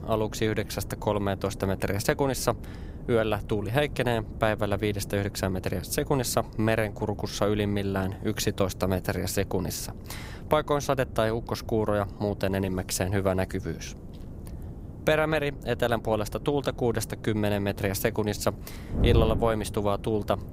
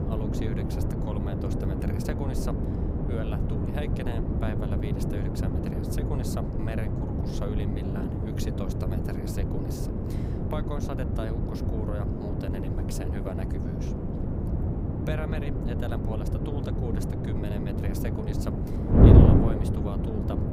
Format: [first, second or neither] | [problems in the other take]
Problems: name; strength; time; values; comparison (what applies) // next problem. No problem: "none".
first | wind noise on the microphone; heavy; 5 dB above the speech; occasional gusts in the first